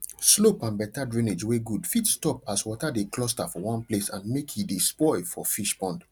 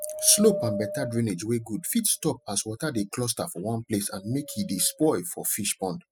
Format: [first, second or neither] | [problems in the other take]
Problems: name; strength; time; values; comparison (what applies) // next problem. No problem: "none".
first | noise reduction (classical method spectral subtraction)